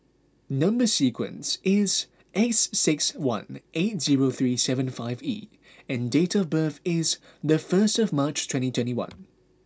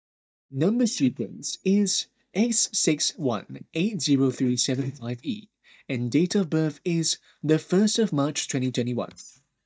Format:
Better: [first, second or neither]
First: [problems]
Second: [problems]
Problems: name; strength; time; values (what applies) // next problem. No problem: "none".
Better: first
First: none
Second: noise reduction (neural mask model DeepFilterNet 3)